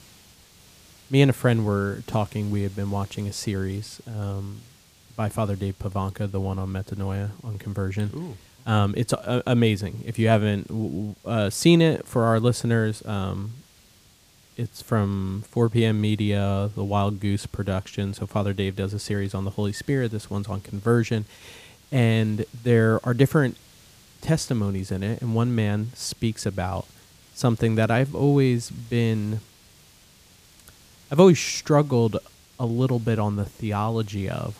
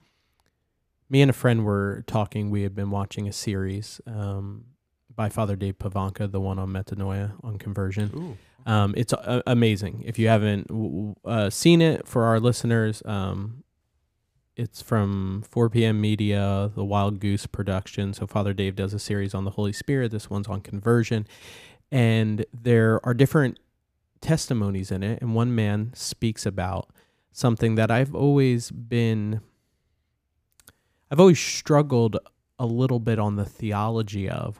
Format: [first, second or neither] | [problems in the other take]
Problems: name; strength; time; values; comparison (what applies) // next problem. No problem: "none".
second | hiss; faint; throughout; 25 dB below the speech